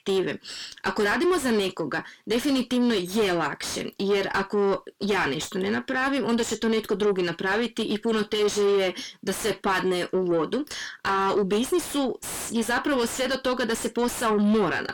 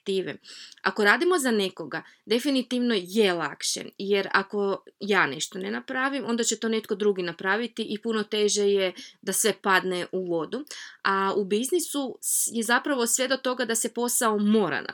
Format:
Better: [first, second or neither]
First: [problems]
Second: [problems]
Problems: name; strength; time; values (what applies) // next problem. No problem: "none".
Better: second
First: distortion; heavy; 6 dB below the speech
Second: none